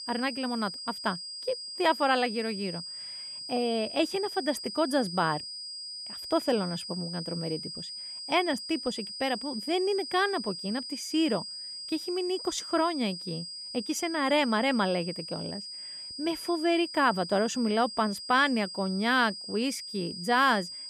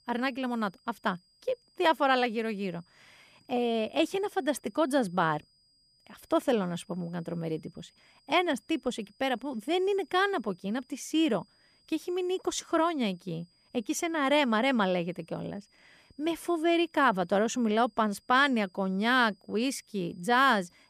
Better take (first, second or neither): second